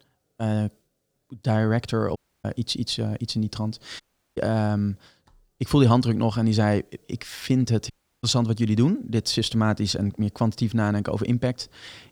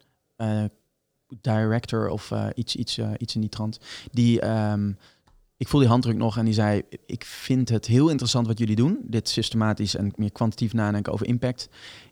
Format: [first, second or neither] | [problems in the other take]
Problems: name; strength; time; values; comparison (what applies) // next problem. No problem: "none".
second | audio cutting out; at 2 s, at 4 s and at 8 s